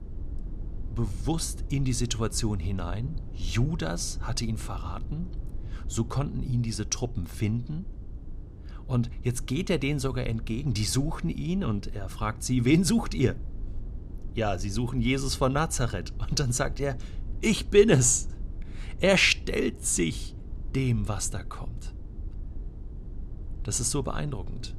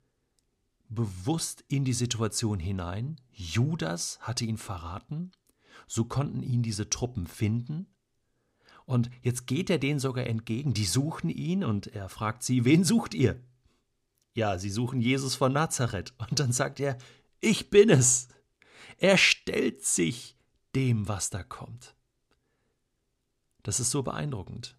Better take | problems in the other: second | low rumble; faint; throughout; 25 dB below the speech

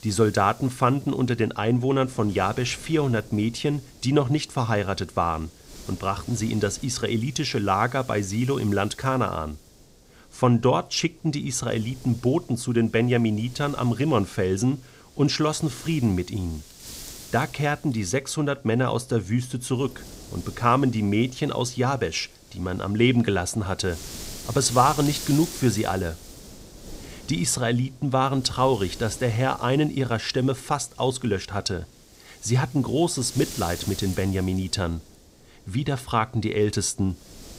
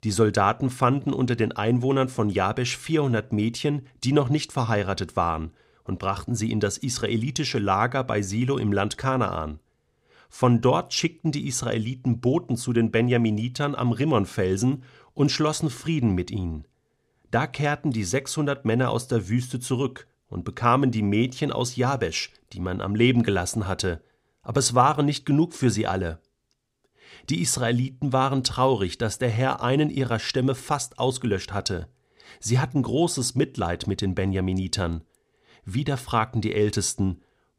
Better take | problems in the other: second | wind noise on the microphone; occasional gusts; 15 dB below the speech

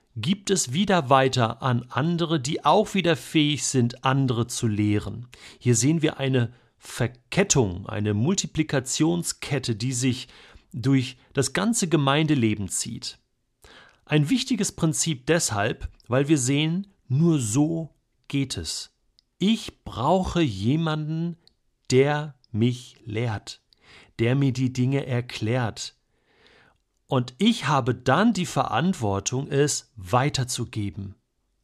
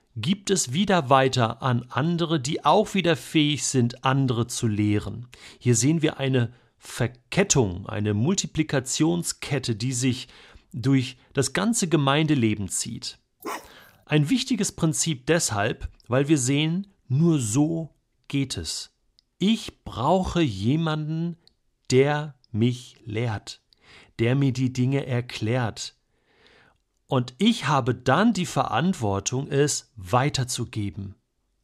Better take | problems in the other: first | dog barking; faint; at 13 s; peak 10 dB below the speech

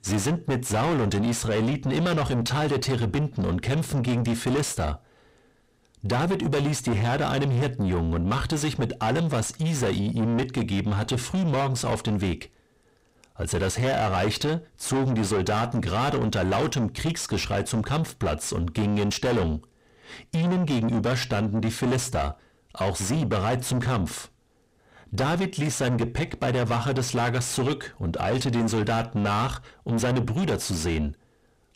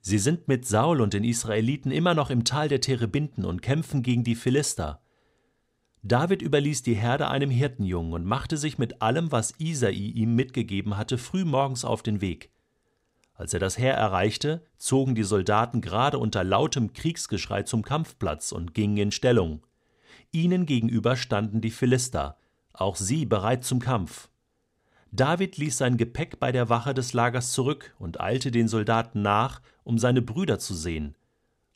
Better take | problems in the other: second | distortion; heavy; 5 dB below the speech

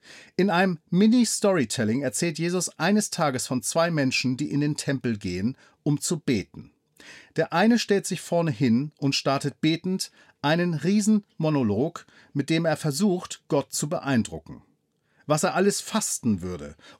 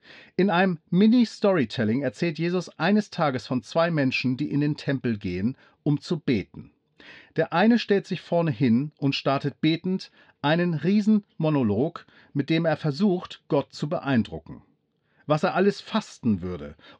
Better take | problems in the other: first | muffled; slightly; fading above 4 kHz

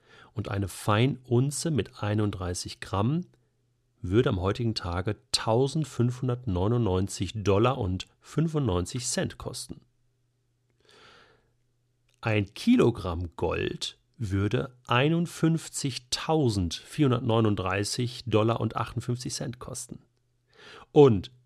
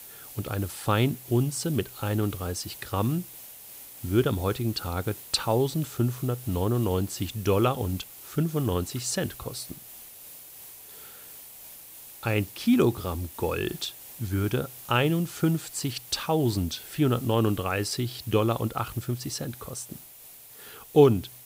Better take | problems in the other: first | hiss; noticeable; throughout; 15 dB below the speech

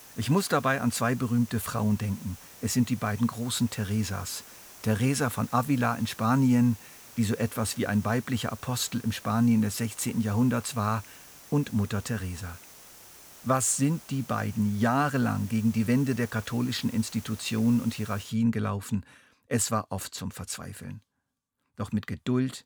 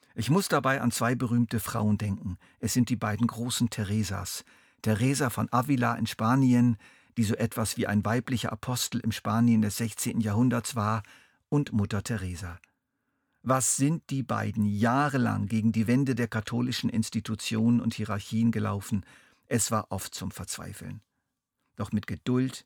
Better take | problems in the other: second | hiss; noticeable; until 18 s; 20 dB below the speech

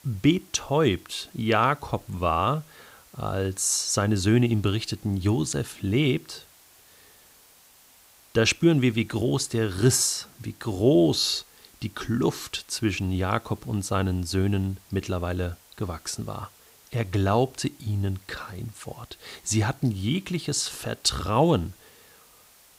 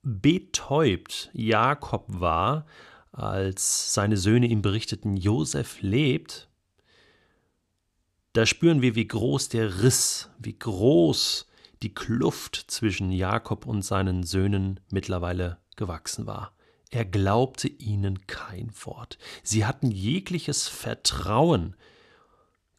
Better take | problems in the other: second | hiss; faint; throughout; 25 dB below the speech

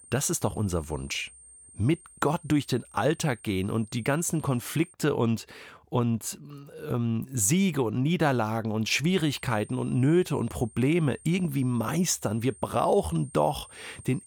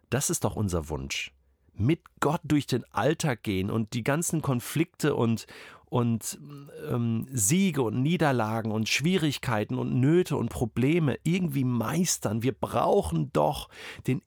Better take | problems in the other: second | high-pitched whine; faint; until 5 s and from 9 s on; 8.5 kHz, 20 dB below the speech

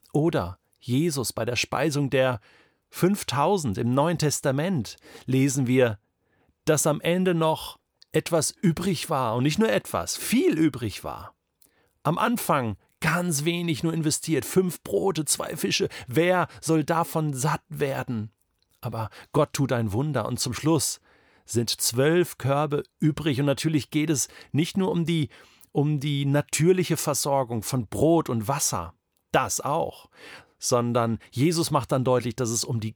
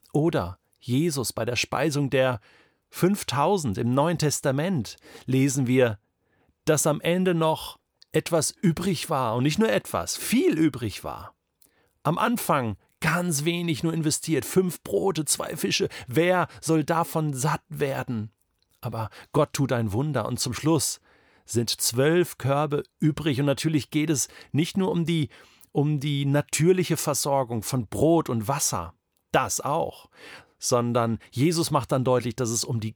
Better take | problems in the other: neither | none

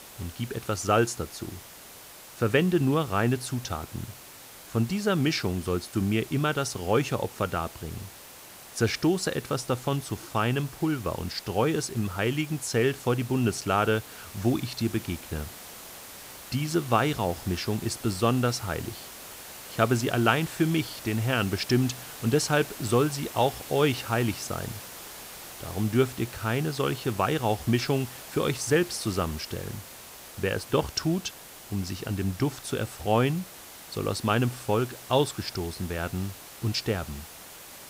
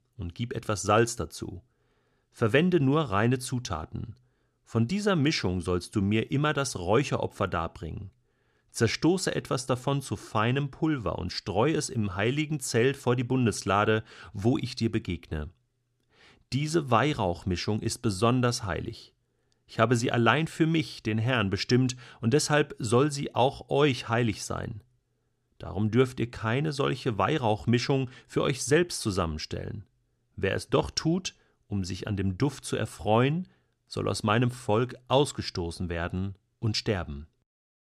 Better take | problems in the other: second | hiss; noticeable; throughout; 15 dB below the speech

